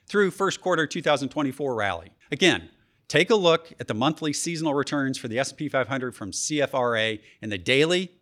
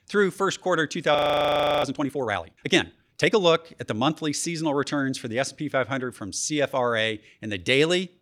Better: first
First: none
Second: audio freezing; at 1 s for 0.5 s

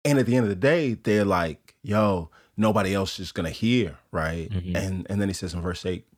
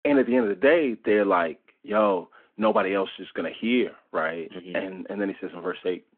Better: first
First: none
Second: phone-call audio

